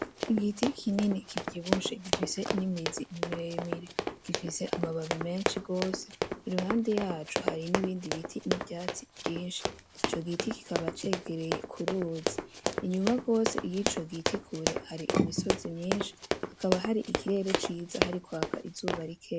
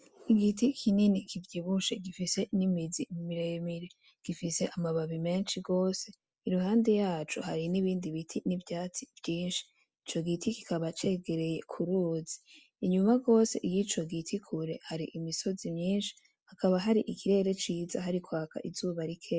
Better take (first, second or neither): second